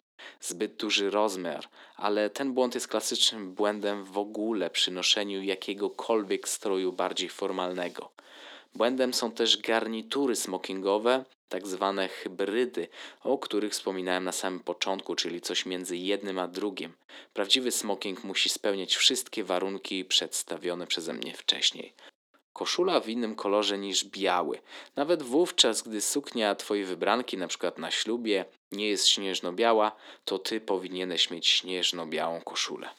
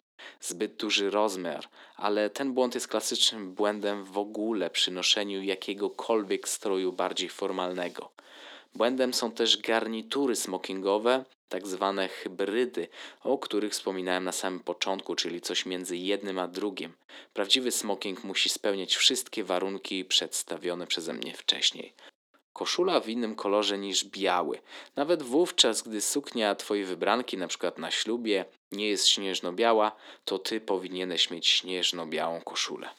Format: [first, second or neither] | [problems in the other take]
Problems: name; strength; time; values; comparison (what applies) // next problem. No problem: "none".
neither | thin; somewhat; fading below 300 Hz; the same in both